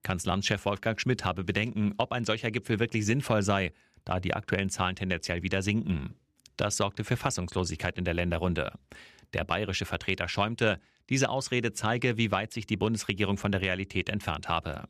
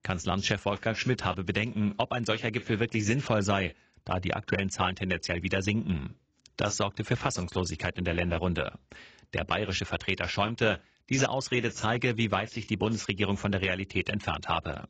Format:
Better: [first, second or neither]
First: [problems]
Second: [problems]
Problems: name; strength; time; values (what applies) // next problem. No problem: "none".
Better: first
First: none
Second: garbled, watery; badly; nothing above 7.5 kHz